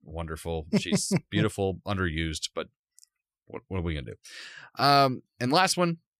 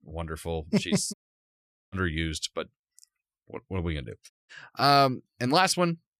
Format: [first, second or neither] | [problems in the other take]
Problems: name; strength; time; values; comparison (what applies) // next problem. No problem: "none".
first | audio cutting out; at 1 s for 1 s and at 4.5 s